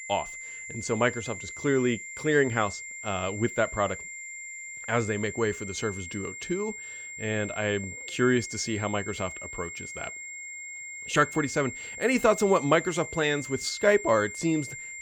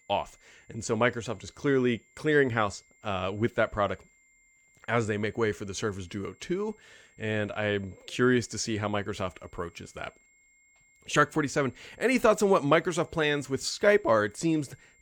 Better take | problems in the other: second | high-pitched whine; loud; throughout; 2 kHz, 10 dB below the speech; faint in the second

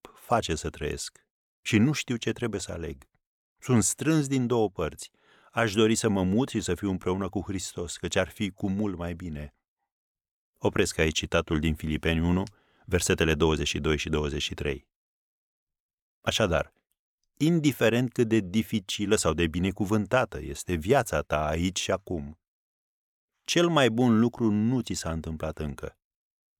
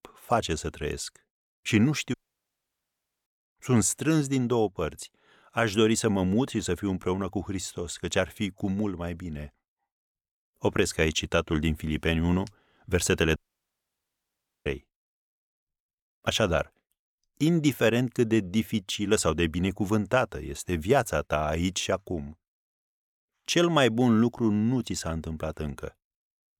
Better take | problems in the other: first | audio cutting out; at 2 s for 1 s and at 13 s for 1.5 s

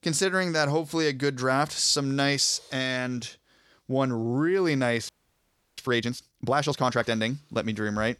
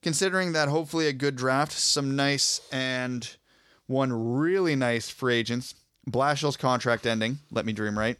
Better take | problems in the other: second | audio freezing; at 5 s for 0.5 s

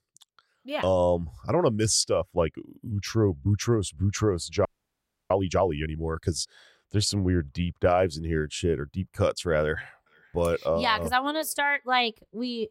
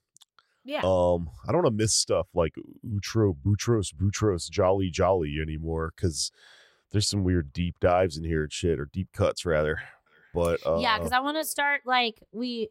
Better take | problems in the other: second | audio freezing; at 4.5 s for 0.5 s

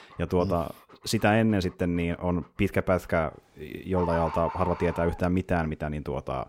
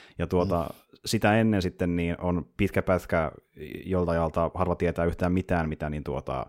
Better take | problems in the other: second | animal sounds; noticeable; throughout; 10 dB below the speech

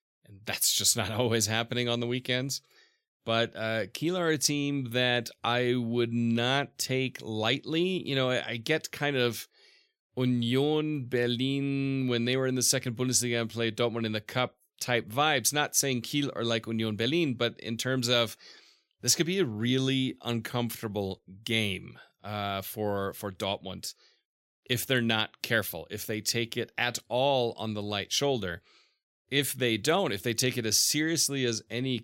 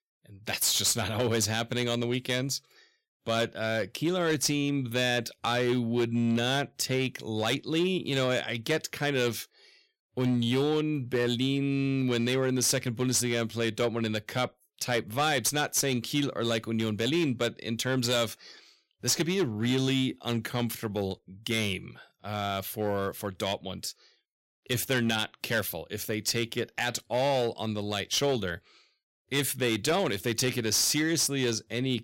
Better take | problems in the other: first | distortion; slight; 5% of the sound clipped

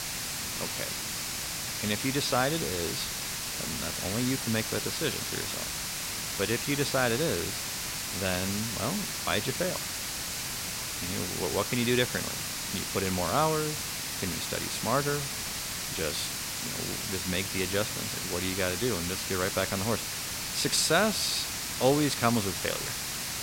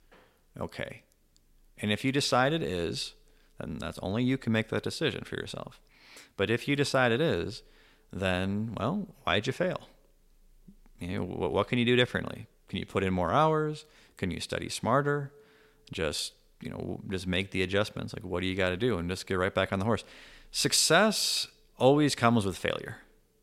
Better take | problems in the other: second | hiss; loud; throughout; 1 dB below the speech

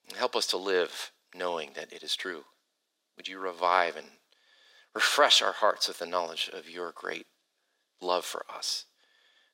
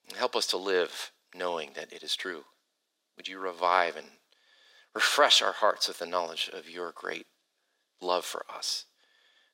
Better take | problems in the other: neither | thin; very; fading below 400 Hz; the same in both

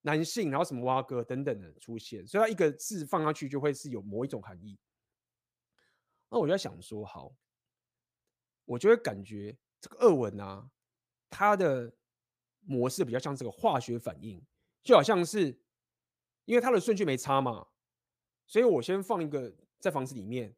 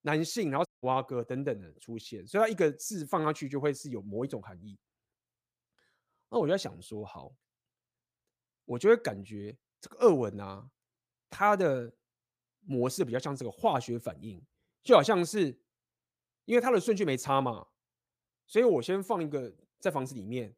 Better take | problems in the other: first | audio cutting out; at 0.5 s

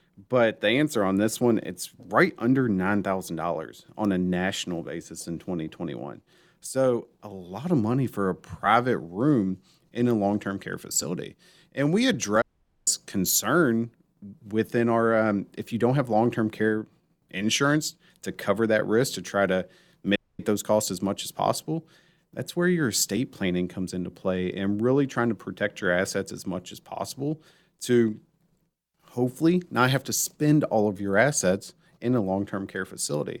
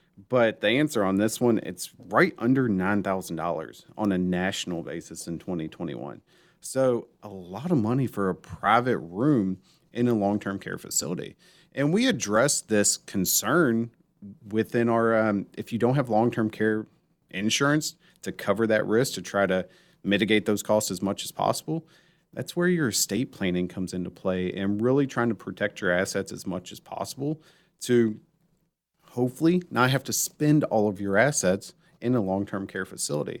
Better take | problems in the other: second | audio cutting out; at 12 s and at 20 s

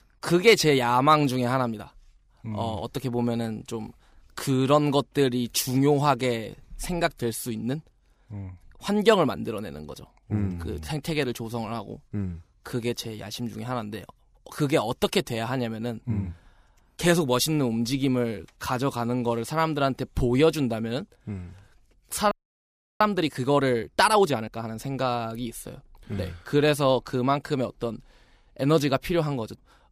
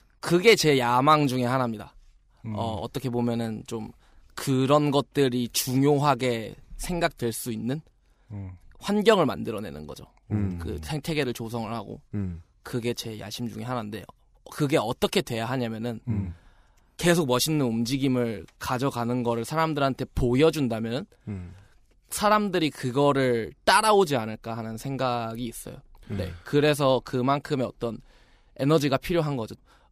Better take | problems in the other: second | audio freezing; at 22 s for 0.5 s

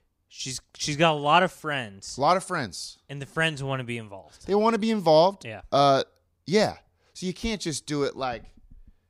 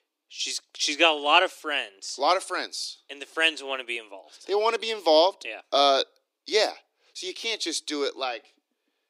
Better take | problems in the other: first | thin; somewhat; fading below 300 Hz

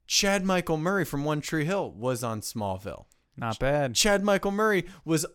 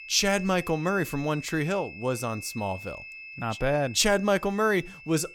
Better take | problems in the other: first | high-pitched whine; noticeable; throughout; 2.5 kHz, 15 dB below the speech

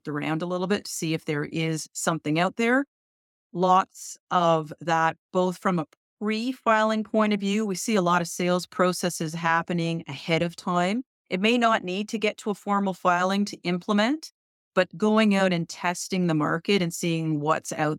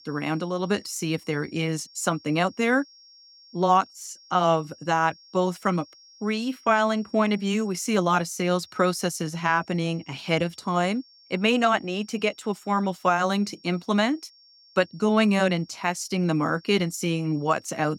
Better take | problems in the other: first | high-pitched whine; faint; throughout; 5.5 kHz, 25 dB below the speech

